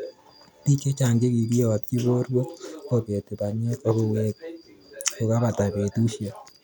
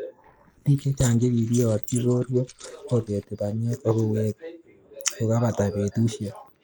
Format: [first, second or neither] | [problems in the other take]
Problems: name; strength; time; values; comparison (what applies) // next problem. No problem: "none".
first | noise reduction (neural mask model Resemble Enhance denoiser)